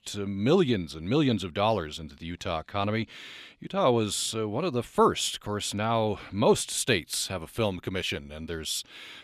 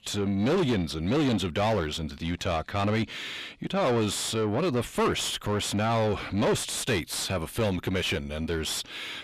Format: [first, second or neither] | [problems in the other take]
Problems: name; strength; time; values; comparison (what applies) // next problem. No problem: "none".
first | distortion; heavy; 6 dB below the speech